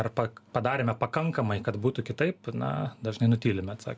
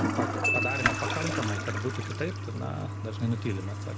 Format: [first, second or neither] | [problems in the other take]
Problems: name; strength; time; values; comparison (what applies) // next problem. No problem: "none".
first | background sound (Toilet flush + Glockenspiel); 3 dB above the speech